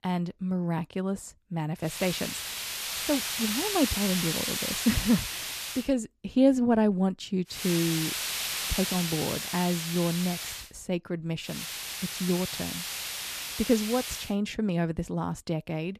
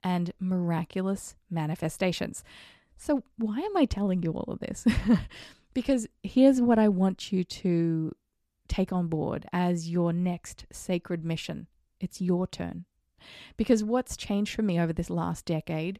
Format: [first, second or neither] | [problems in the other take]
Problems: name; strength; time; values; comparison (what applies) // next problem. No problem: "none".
second | hiss; loud; from 2 to 6 s, from 7.5 to 11 s and from 12 to 14 s; 2 dB below the speech